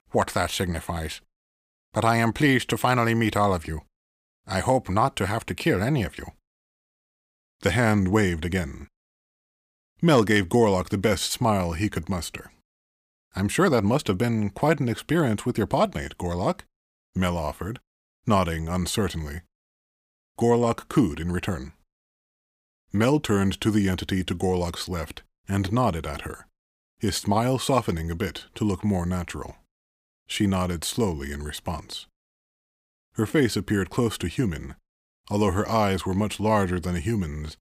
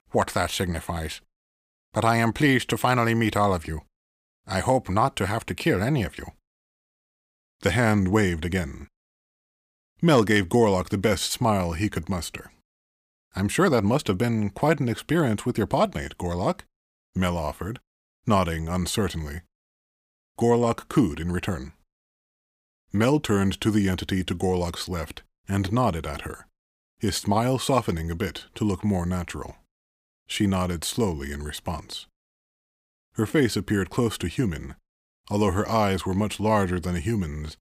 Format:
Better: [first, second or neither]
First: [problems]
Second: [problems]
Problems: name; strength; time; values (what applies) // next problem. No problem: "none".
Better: neither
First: none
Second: none